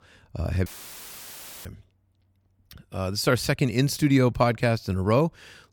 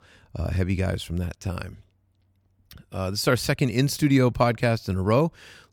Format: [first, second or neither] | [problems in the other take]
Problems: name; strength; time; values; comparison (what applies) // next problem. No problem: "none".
second | audio cutting out; filled with static; at 0.5 s for 1 s